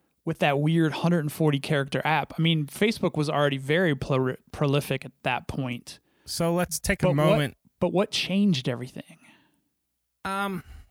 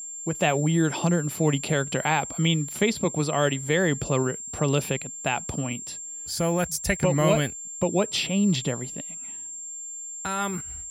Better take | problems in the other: first | high-pitched whine; loud; throughout; 7.5 kHz, 9 dB below the speech

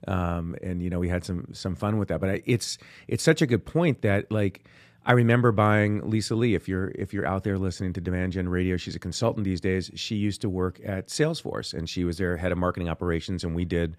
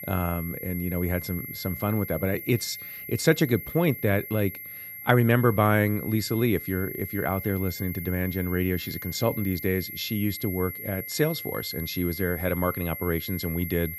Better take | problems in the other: first | high-pitched whine; loud; throughout; 2 kHz, 9 dB below the speech

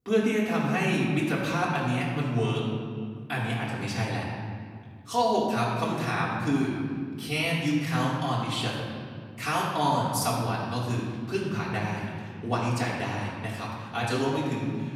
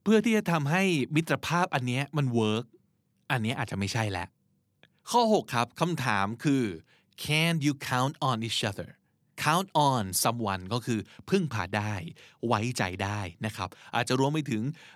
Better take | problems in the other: second | room echo; noticeable; dies away in 2 s // off-mic speech; far

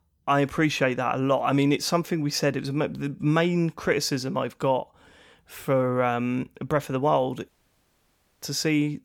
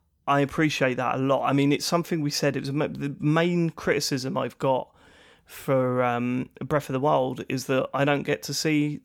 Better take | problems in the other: second | audio cutting out; at 7.5 s for 1 s

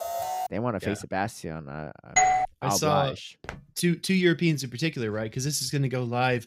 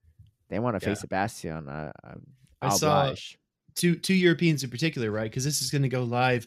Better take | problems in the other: second | alarm; noticeable; at the start; peak 4 dB below the speech // doorbell; loud; at 2 s; peak 6 dB above the speech // footsteps; faint; at 3.5 s; peak 15 dB below the speech

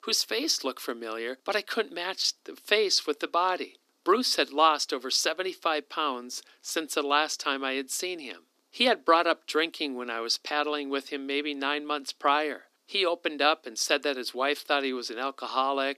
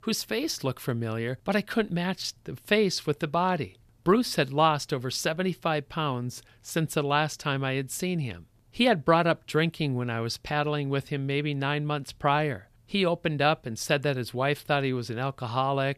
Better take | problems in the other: second | thin; somewhat; fading below 250 Hz

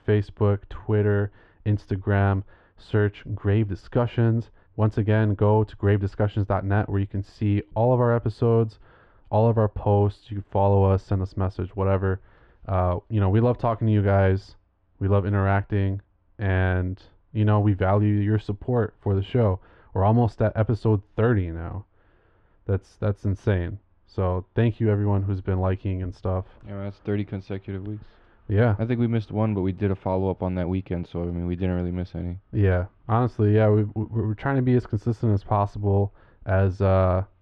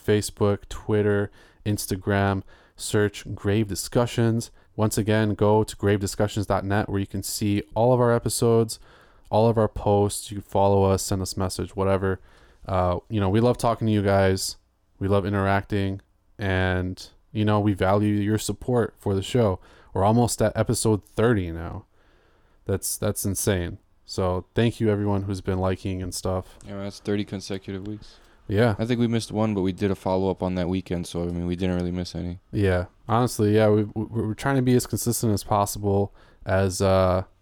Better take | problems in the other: second | muffled; very; fading above 2.5 kHz

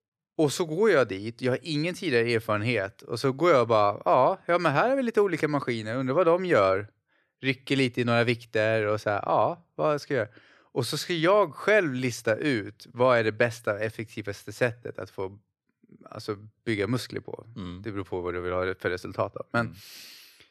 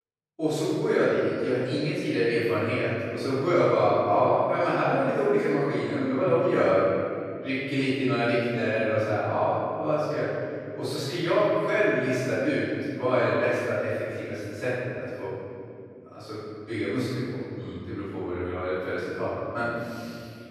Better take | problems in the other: first | off-mic speech; far // room echo; strong; dies away in 2.4 s

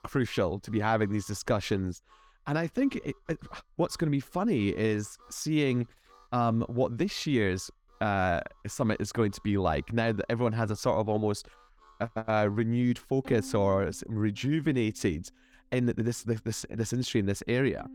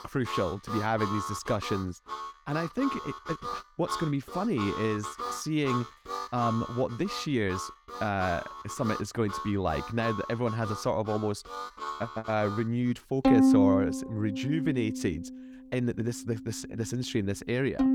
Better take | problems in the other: first | background music; loud; throughout; 2 dB below the speech; faint in the first

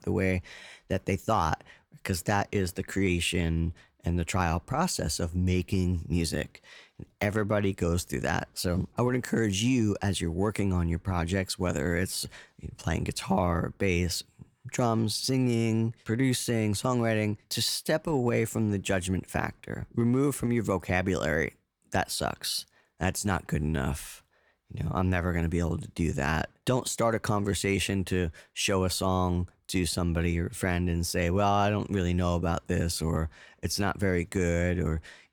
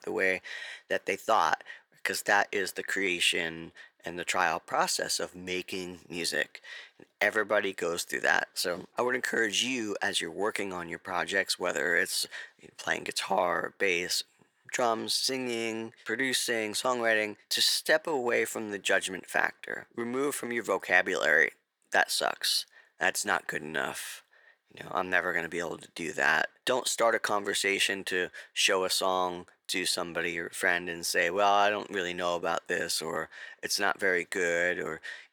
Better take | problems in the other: first | thin; very; fading below 500 Hz

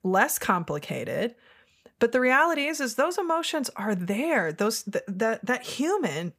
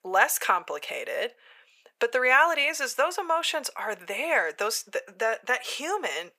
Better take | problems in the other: first | thin; very; fading below 500 Hz

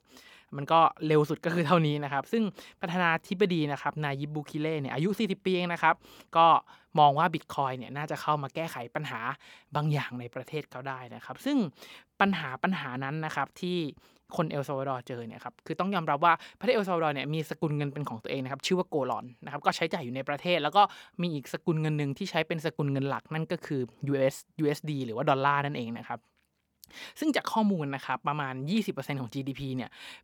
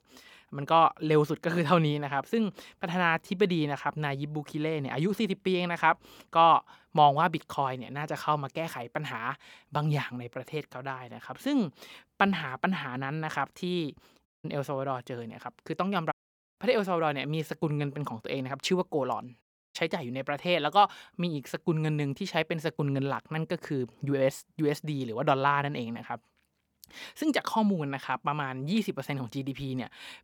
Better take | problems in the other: first | audio cutting out; at 14 s, at 16 s and at 19 s

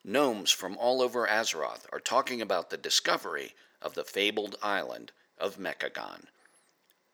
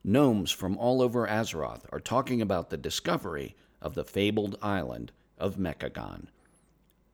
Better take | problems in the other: second | thin; somewhat; fading below 500 Hz

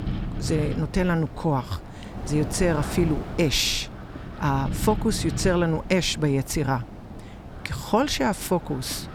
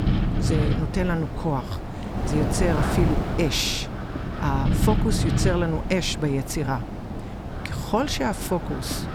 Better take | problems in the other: first | wind noise on the microphone; heavy; 5 dB below the speech; occasional gusts in the first

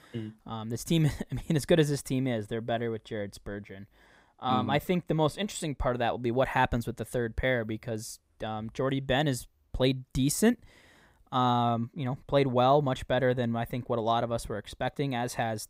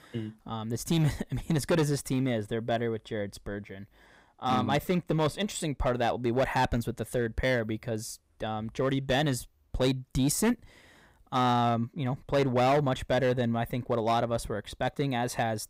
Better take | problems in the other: first | distortion; slight; 5% of the sound clipped

